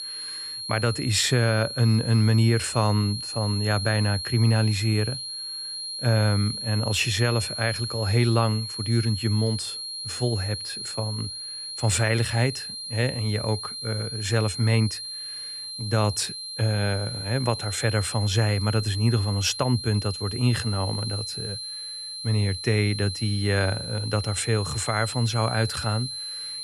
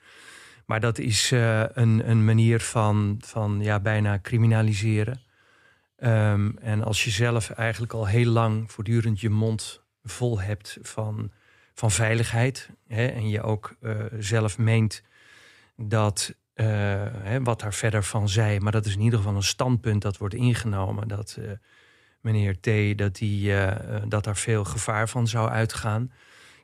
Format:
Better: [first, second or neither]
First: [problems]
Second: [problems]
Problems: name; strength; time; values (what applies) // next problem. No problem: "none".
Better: second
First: high-pitched whine; loud; throughout; 4 kHz, 7 dB below the speech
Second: none